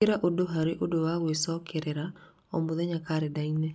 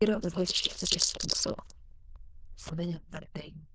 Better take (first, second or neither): first